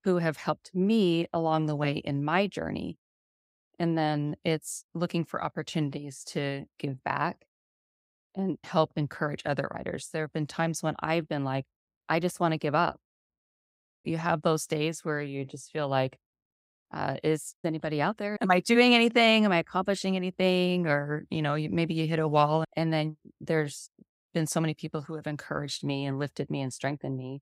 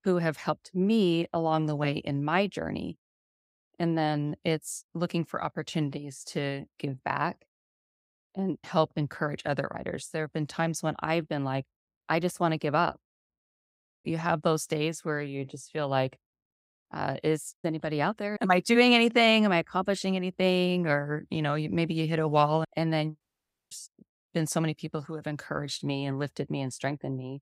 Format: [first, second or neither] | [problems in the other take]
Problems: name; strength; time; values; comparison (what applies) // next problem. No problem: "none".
first | audio cutting out; at 23 s for 0.5 s